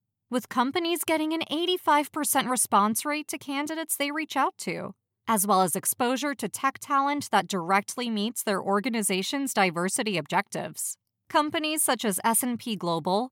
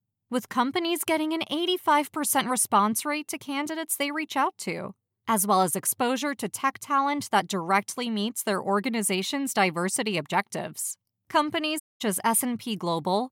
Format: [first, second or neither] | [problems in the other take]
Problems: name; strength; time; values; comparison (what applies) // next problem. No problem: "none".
first | audio cutting out; at 12 s